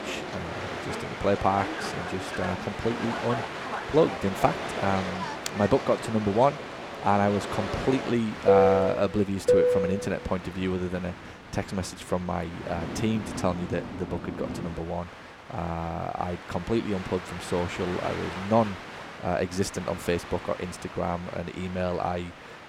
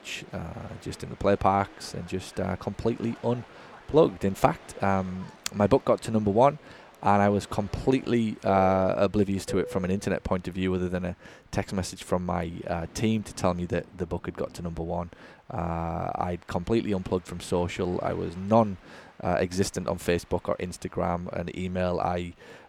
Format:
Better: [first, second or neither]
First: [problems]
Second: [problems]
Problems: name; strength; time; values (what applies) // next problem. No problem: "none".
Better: second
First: train or aircraft noise; loud; throughout; 3 dB below the speech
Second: train or aircraft noise; faint; throughout; 20 dB below the speech